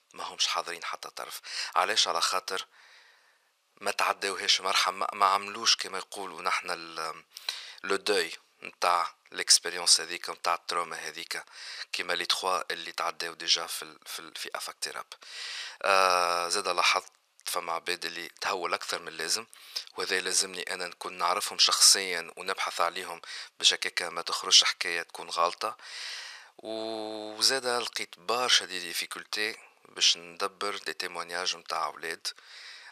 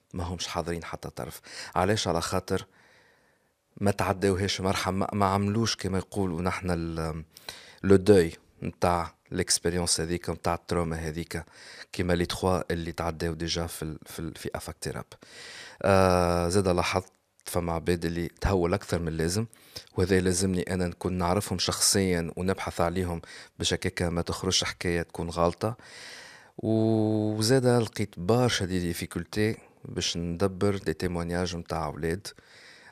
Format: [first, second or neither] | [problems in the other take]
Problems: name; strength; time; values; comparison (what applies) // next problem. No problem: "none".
second | thin; very; fading below 750 Hz